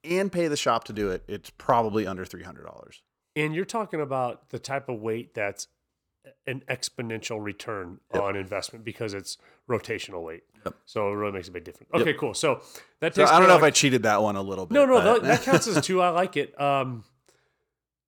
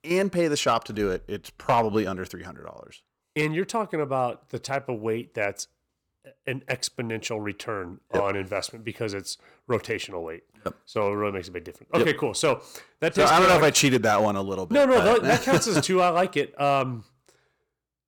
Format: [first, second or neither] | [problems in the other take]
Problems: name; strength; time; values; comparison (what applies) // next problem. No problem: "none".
first | distortion; slight; 3% of the sound clipped